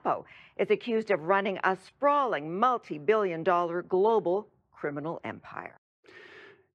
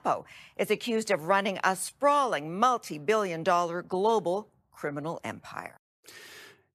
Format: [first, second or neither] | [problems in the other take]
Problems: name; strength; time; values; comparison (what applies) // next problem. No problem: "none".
second | muffled; slightly; fading above 2.5 kHz